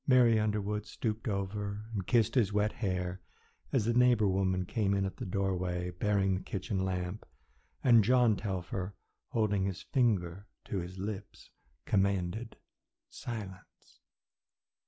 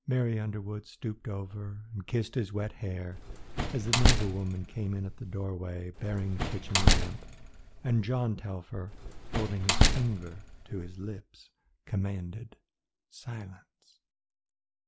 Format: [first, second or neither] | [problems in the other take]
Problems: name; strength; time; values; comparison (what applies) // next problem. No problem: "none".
first | background sound (Slam); 5 dB above the speech